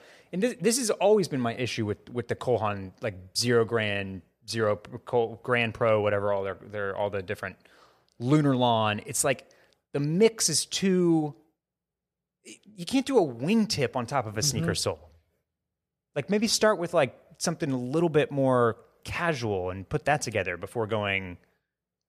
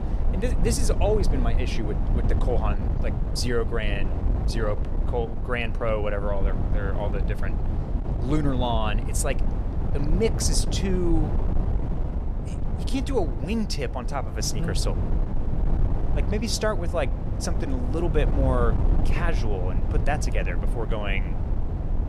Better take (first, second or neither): first